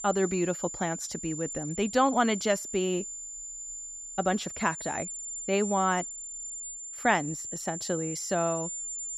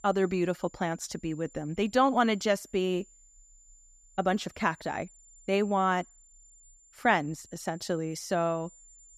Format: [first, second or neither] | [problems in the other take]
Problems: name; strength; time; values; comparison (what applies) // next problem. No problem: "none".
second | high-pitched whine; loud; throughout; 7 kHz, 6 dB below the speech; faint in the second